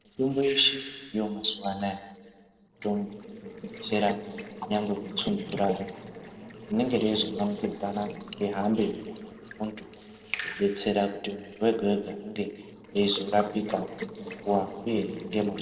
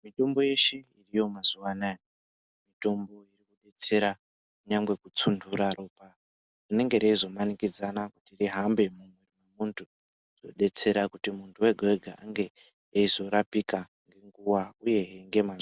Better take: second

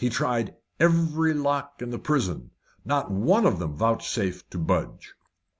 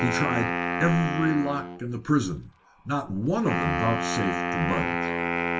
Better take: first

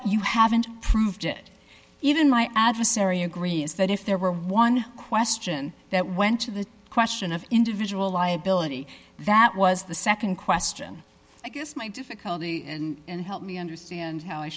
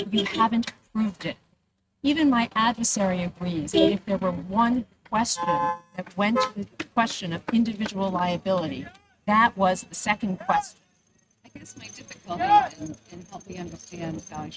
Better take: first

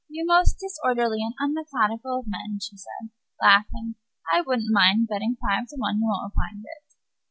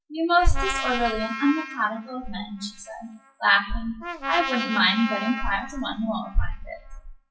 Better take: first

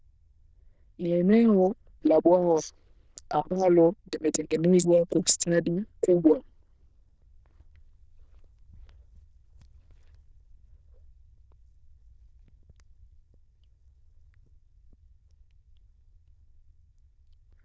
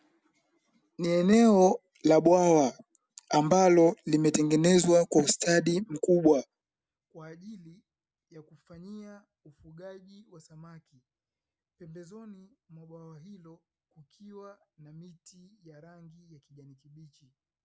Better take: second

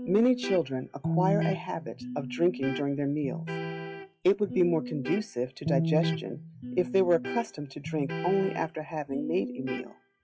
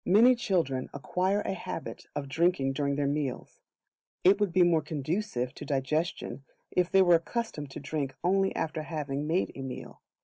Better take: second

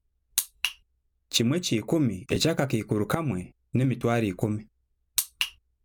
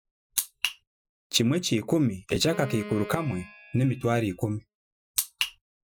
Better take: first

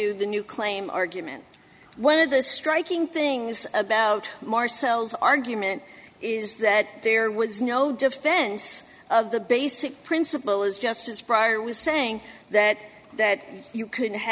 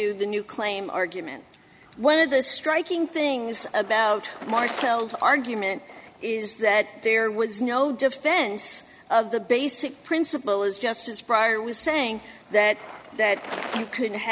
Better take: first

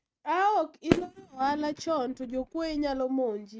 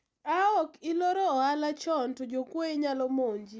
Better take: second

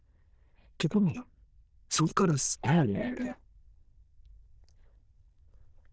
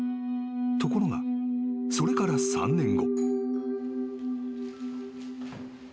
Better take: second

